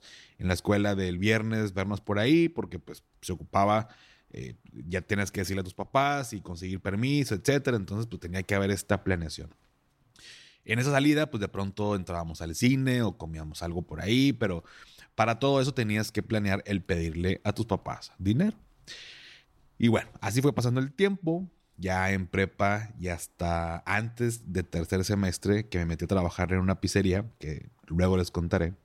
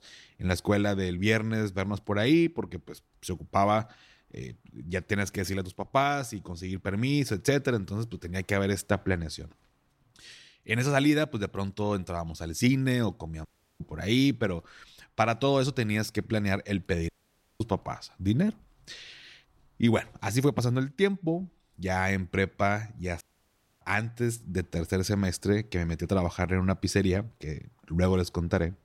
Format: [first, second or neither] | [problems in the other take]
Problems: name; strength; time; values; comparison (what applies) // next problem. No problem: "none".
first | audio cutting out; at 13 s, at 17 s for 0.5 s and at 23 s for 0.5 s